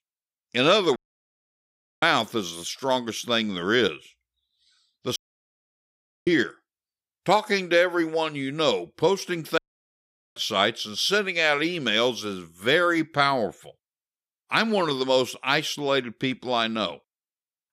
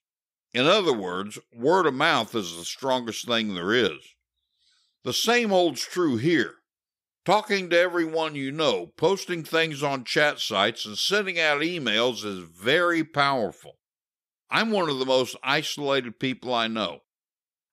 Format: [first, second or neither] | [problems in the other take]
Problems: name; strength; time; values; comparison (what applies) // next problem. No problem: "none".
second | audio cutting out; at 1 s for 1 s, at 5 s for 1 s and at 9.5 s for 1 s